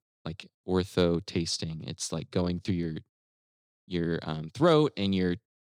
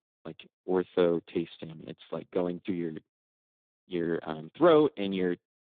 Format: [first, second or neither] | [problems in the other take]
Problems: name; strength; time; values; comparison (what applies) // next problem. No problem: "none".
first | phone-call audio; poor line; nothing above 3.5 kHz